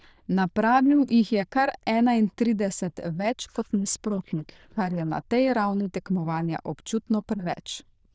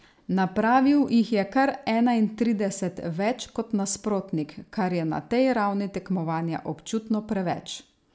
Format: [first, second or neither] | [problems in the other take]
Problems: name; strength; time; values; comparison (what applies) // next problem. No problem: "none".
second | noise reduction (neural diffusion model UNIVERSE++)